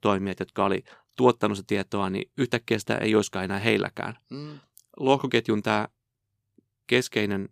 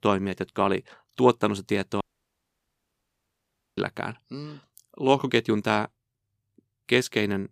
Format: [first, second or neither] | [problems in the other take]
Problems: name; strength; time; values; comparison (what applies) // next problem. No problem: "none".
first | audio cutting out; at 2 s for 2 s